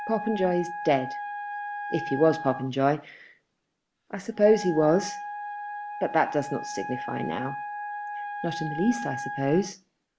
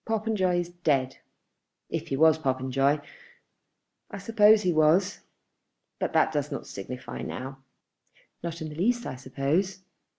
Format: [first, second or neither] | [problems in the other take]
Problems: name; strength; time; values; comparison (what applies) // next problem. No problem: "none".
second | background sound (Wind instrument, woodwind instrument); 8 dB below the speech